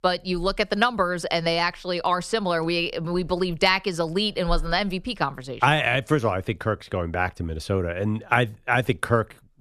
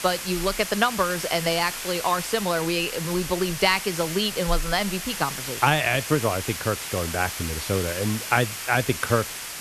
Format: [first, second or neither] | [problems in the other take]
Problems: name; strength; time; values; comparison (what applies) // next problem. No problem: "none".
first | hiss; loud; throughout; 6 dB below the speech